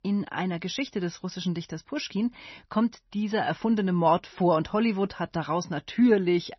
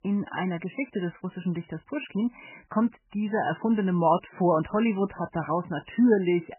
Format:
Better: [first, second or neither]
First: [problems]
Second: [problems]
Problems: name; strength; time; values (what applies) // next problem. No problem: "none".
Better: first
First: garbled, watery; slightly; nothing above 6 kHz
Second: garbled, watery; badly; nothing above 3 kHz